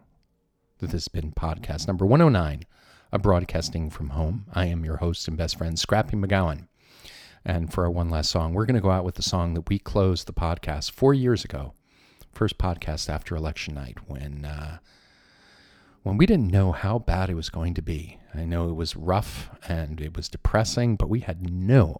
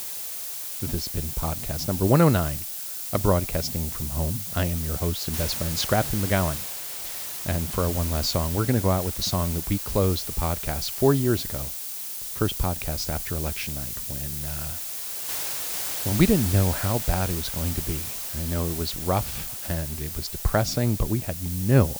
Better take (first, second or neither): first